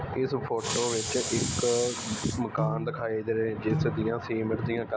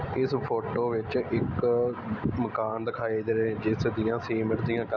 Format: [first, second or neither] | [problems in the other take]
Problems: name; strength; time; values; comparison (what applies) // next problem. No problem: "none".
second | background sound (Piano + Hiss); 5 dB below the speech